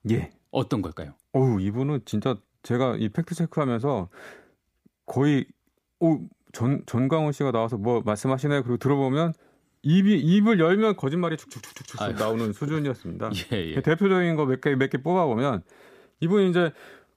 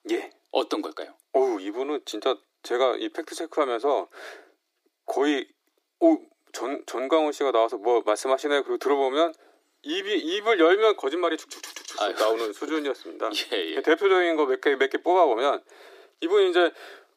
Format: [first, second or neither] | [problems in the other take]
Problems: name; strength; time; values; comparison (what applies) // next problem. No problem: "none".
first | thin; very; fading below 300 Hz